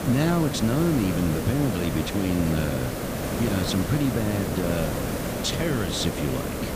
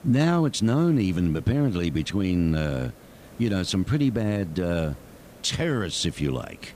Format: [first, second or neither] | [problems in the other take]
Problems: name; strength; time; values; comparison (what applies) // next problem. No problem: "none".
second | hiss; loud; throughout; 3 dB below the speech; faint in the second